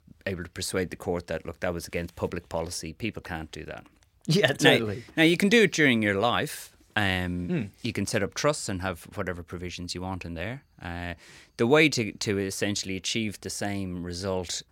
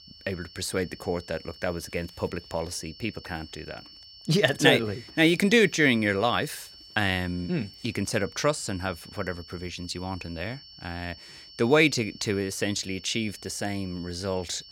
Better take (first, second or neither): first